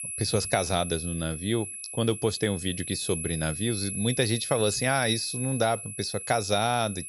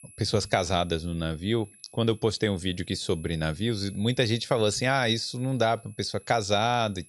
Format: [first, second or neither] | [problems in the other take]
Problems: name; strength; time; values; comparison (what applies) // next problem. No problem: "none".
second | high-pitched whine; loud; throughout; 11 kHz, 6 dB below the speech; faint in the second